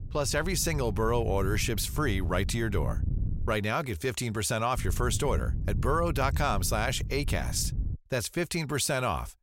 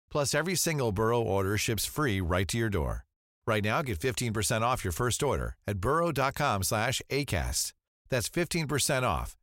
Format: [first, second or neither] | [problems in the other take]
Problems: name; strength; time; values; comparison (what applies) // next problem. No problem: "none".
second | wind noise on the microphone; occasional gusts; until 3.5 s and from 5 to 8 s; 20 dB below the speech